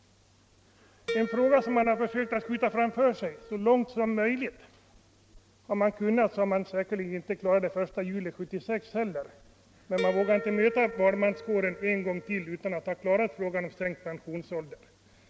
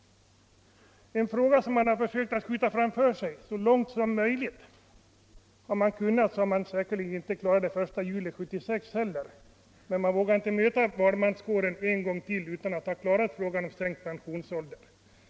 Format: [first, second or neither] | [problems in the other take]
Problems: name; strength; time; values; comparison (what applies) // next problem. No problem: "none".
second | background sound (Harp); 11 dB below the speech